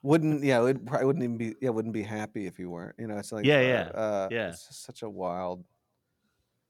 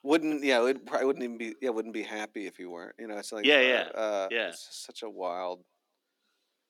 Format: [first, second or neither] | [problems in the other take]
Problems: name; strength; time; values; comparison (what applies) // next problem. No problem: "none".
first | thin; very slightly; fading below 250 Hz